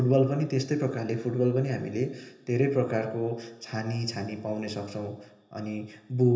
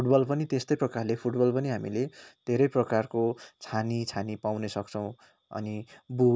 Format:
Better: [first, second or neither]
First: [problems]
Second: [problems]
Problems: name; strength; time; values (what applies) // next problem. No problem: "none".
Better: second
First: room echo; dies away in 0.8 s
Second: none